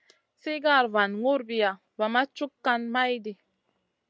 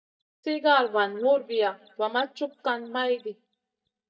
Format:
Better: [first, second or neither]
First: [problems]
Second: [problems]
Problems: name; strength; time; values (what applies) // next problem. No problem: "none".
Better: first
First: none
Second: noise reduction (neural mask model DeepFilterNet 3)